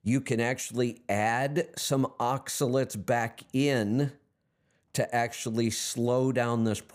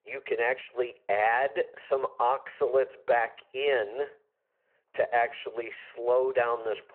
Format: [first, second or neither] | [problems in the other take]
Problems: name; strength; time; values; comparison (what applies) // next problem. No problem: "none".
first | phone-call audio